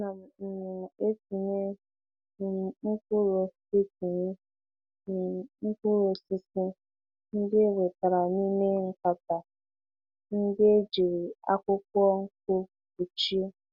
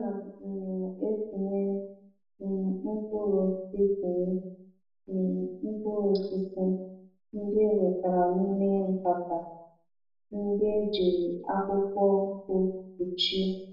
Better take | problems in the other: first | room echo; dies away in 0.7 s

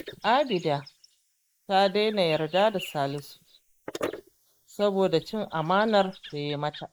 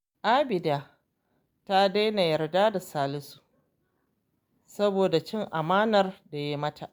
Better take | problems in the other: second | noise reduction (neural mask model Resemble Enhance denoiser)

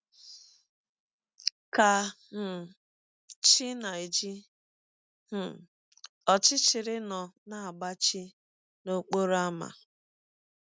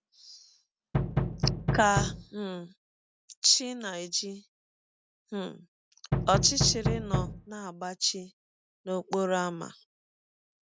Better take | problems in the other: first | background sound (Knock); 3 dB above the speech

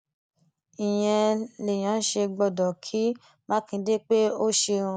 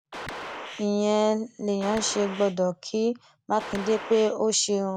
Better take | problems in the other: first | background sound (Gunshot, gunfire); 12 dB below the speech

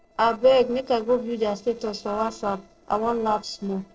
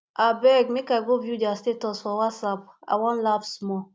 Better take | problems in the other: second | noise reduction (neural separator model SepFormer DNS4)

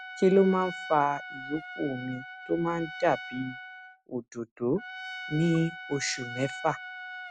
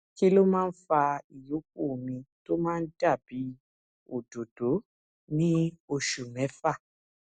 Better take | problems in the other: second | background sound (Trumpet); 12 dB below the speech

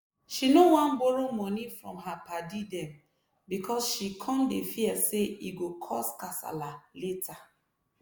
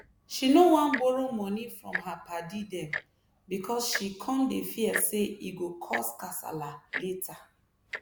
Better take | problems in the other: first | background sound (Tick-tock); 12 dB below the speech

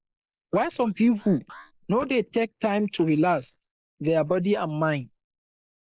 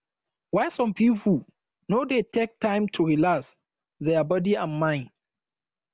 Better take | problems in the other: second | noise reduction (neural mask model Resemble Enhance denoiser)

